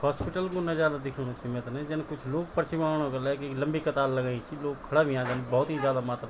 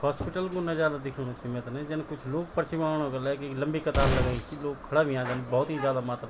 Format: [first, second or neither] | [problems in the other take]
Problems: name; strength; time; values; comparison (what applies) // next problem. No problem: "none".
first | background sound (Glass); as loud as the speech